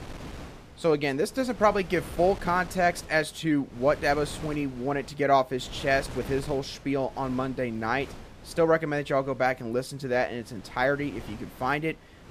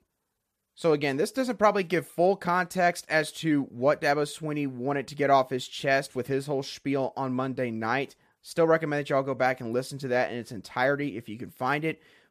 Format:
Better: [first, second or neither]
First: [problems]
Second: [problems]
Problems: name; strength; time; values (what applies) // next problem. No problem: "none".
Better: second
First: wind noise on the microphone; occasional gusts; 20 dB below the speech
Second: none